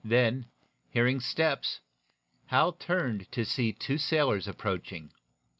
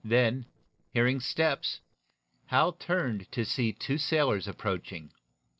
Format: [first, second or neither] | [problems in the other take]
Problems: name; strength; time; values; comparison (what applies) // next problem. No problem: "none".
first | noise reduction (neural separator model SepFormer DNS4)